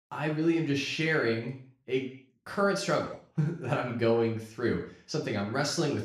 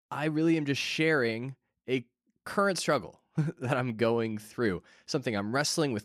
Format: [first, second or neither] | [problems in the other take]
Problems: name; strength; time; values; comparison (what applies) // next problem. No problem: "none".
second | room echo; slight; dies away in 0.5 s // off-mic speech; far